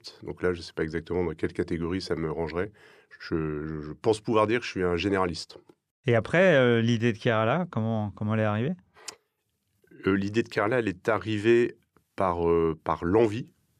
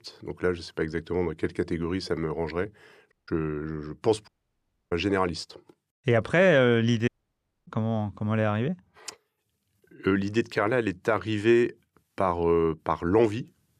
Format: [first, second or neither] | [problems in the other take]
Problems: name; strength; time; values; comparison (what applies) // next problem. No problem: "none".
first | audio cutting out; at 3 s, at 4.5 s for 0.5 s and at 7 s for 0.5 s